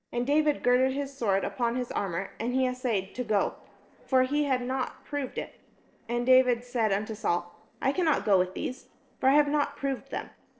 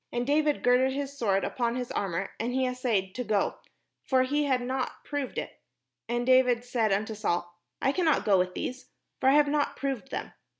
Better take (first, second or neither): second